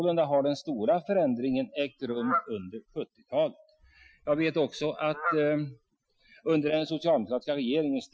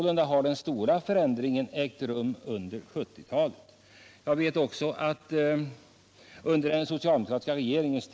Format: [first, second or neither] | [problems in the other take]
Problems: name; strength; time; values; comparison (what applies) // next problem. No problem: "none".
second | noise reduction (classical method Wiener filter)